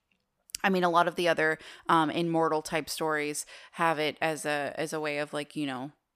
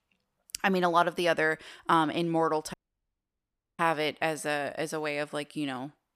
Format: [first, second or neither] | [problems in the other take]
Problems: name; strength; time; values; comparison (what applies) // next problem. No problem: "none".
first | audio cutting out; at 2.5 s for 1 s